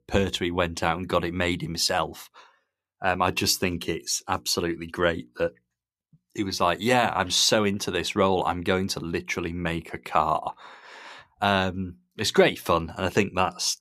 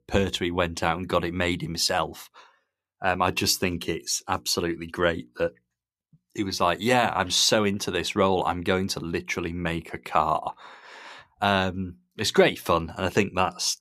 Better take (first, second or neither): neither